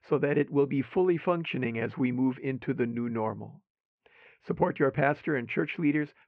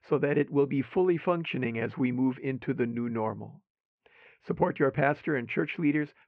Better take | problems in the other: neither | muffled; very; fading above 2.5 kHz; the same in both

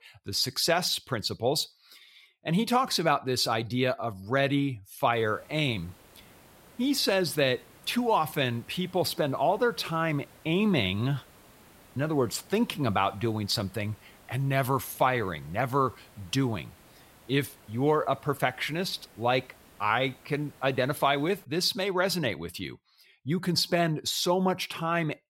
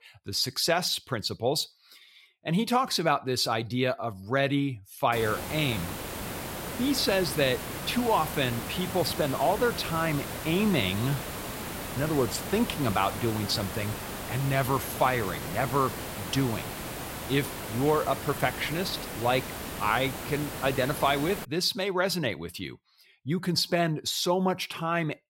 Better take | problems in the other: first | hiss; loud; from 5 to 21 s; 7 dB below the speech; faint in the first

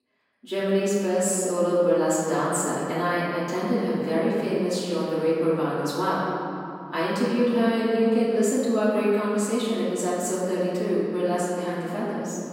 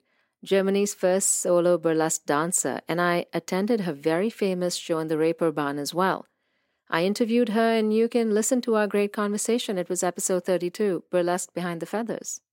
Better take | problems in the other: second | off-mic speech; far // room echo; strong; dies away in 2.8 s

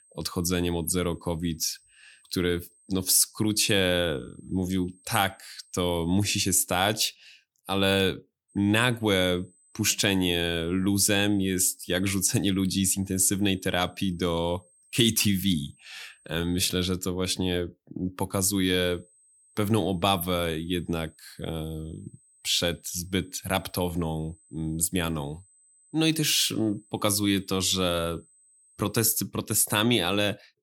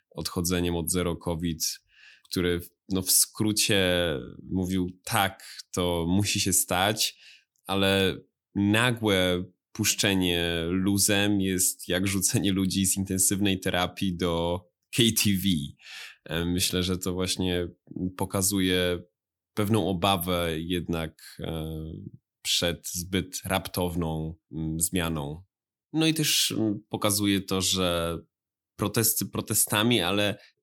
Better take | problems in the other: second | high-pitched whine; faint; until 7 s, from 8.5 to 17 s and from 19 to 29 s; 8 kHz, 30 dB below the speech

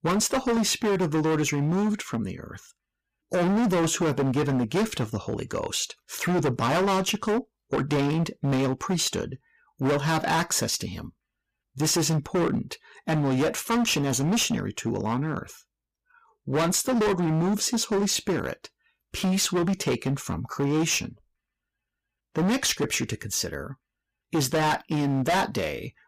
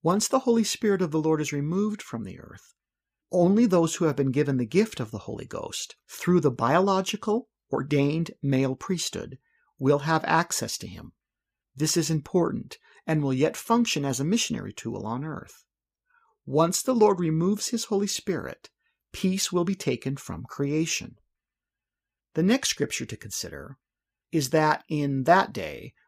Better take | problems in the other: second | distortion; heavy; 18% of the sound clipped

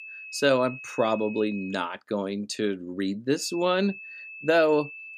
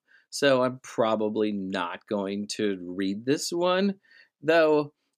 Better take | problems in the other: second | high-pitched whine; noticeable; until 2 s and from 3.5 s on; 2.5 kHz, 15 dB below the speech

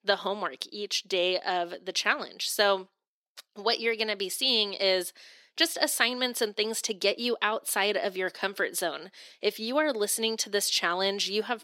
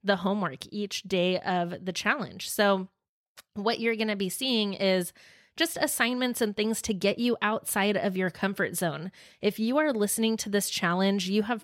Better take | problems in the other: second | thin; somewhat; fading below 300 Hz

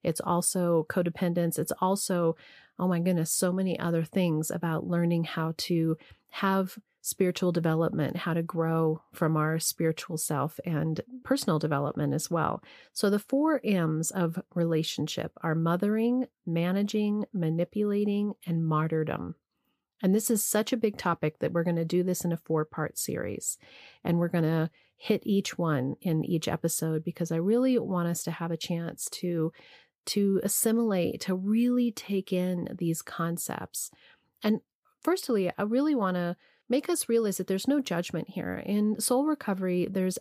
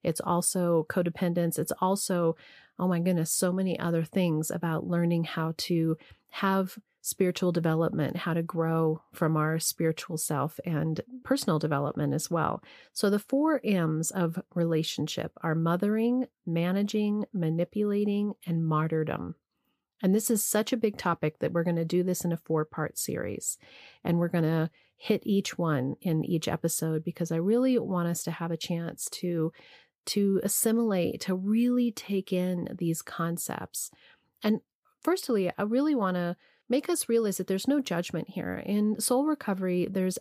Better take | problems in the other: neither | none

